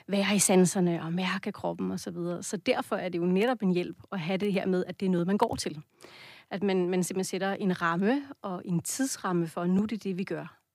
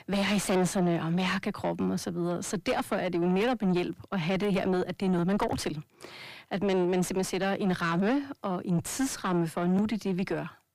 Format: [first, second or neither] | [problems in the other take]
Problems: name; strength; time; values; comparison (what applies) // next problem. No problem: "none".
first | distortion; heavy; 7 dB below the speech